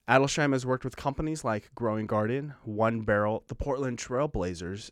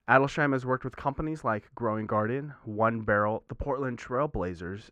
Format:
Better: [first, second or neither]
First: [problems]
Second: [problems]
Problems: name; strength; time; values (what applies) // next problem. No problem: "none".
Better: first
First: none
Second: muffled; slightly; fading above 3.5 kHz